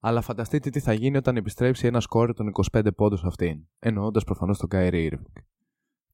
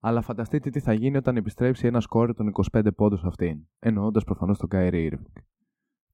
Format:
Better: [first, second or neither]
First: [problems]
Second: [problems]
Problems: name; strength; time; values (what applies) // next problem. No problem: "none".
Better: first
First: none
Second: muffled; slightly; fading above 3 kHz